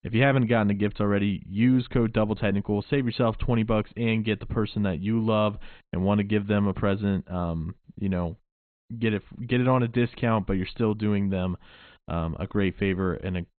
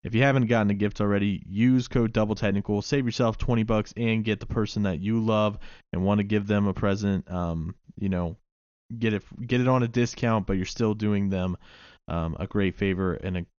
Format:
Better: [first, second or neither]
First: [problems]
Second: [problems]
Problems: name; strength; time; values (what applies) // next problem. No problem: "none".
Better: second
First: garbled, watery; badly; nothing above 4 kHz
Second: garbled, watery; slightly; nothing above 6.5 kHz